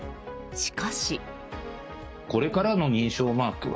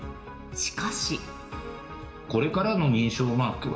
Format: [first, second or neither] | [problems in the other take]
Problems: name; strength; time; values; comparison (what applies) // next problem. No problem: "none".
first | room echo; dies away in 1.1 s